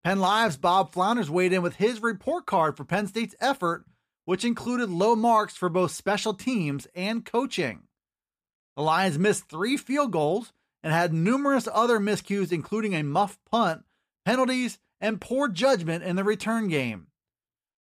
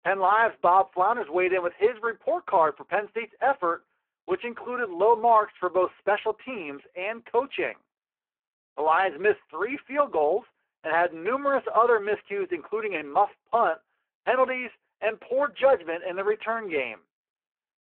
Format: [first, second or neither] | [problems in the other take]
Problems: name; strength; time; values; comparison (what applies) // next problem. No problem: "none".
first | phone-call audio; poor line